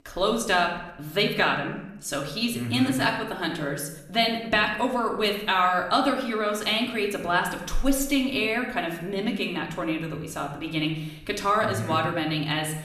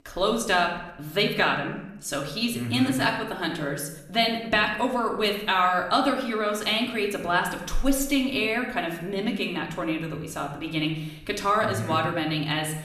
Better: neither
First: room echo; slight; dies away in 0.7 s // off-mic speech; somewhat distant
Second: room echo; slight; dies away in 0.7 s // off-mic speech; somewhat distant

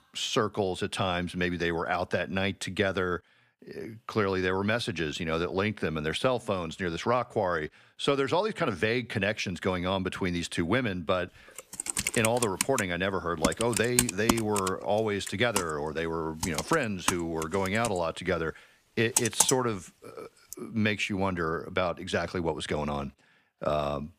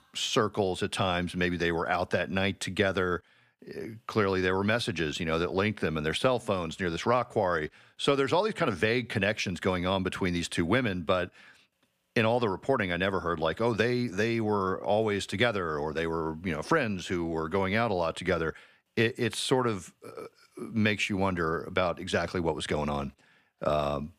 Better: second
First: keyboard typing; loud; from 12 to 20 s; peak 6 dB above the speech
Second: none

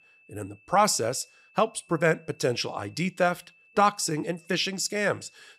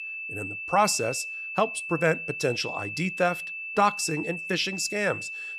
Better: first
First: high-pitched whine; faint; throughout; 2.5 kHz, 30 dB below the speech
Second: high-pitched whine; loud; throughout; 2.5 kHz, 6 dB below the speech

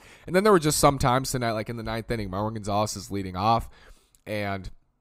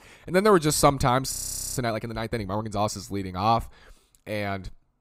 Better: first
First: none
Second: audio freezing; at 1.5 s

